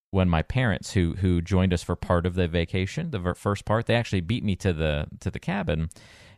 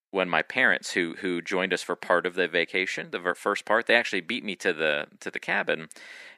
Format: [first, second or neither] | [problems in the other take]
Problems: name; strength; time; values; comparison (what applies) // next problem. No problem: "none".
first | thin; very; fading below 250 Hz